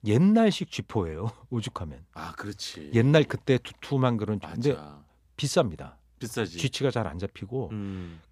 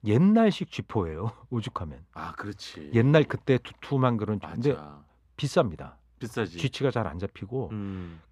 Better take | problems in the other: first | muffled; very slightly; fading above 4 kHz

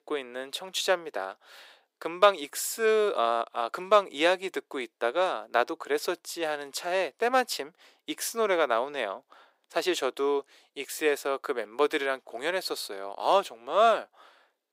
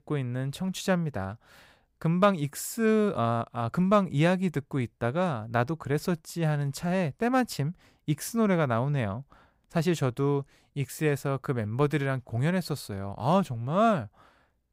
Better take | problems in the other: second | thin; very; fading below 350 Hz

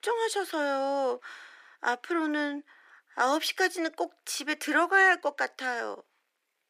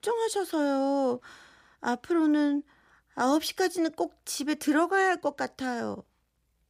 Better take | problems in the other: second | thin; somewhat; fading below 350 Hz

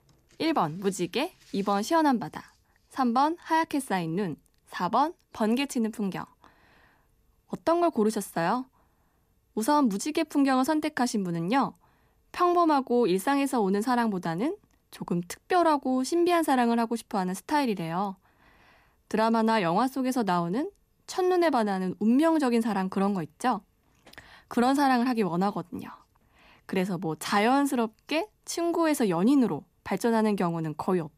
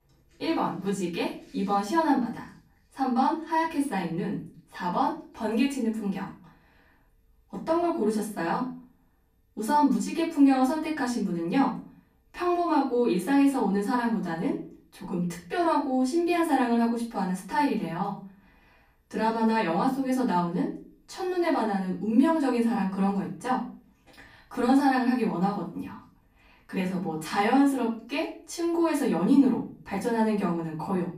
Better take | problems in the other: first | off-mic speech; far // room echo; slight; dies away in 0.4 s

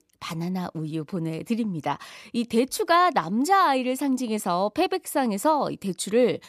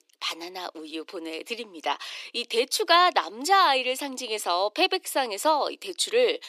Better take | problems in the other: first | thin; very; fading below 350 Hz

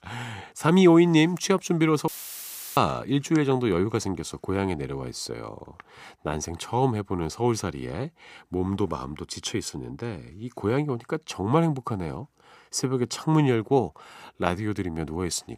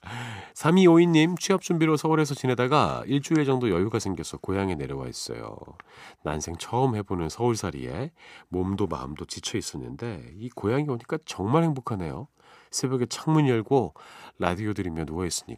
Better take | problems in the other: second | audio cutting out; filled with static; at 2 s for 0.5 s

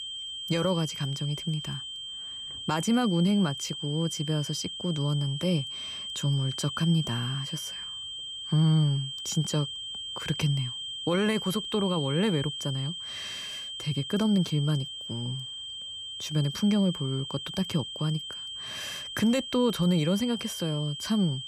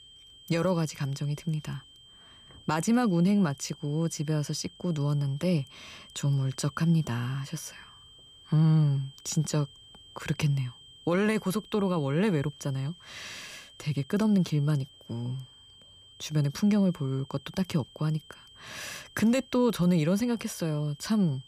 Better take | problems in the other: second | high-pitched whine; loud; throughout; 3 kHz, 6 dB below the speech; faint in the second

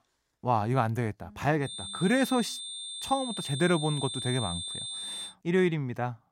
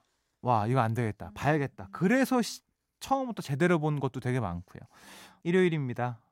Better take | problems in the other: second | high-pitched whine; loud; from 1.5 to 5.5 s; 3.5 kHz, 6 dB below the speech

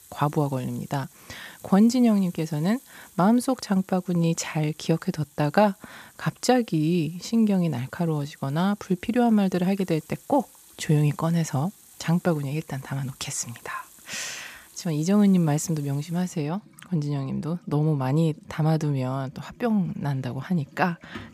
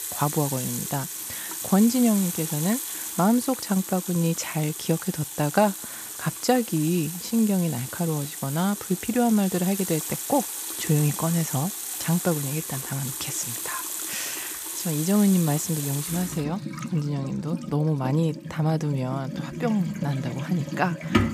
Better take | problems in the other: first | household noises; loud; throughout; 5 dB below the speech; faint in the first

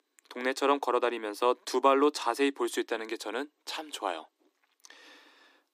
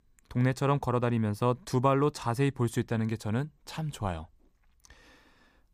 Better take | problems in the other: second | thin; somewhat; fading below 300 Hz

